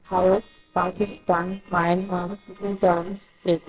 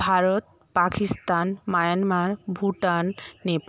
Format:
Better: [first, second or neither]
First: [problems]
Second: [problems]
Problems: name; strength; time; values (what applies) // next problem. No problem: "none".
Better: second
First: noise reduction (neural separator model SepFormer WHAMR!)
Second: none